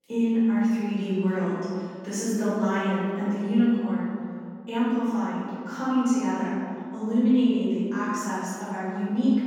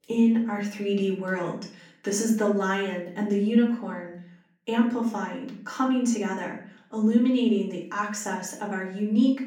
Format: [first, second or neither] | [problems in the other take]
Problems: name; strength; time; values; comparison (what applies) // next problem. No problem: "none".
second | room echo; strong; dies away in 2 s; slight in the second // off-mic speech; far; far in the second